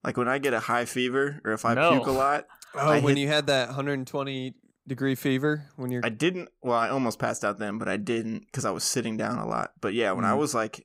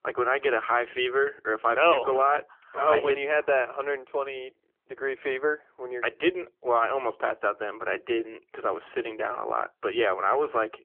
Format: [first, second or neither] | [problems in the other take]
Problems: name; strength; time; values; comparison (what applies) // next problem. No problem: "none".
first | phone-call audio; nothing above 3 kHz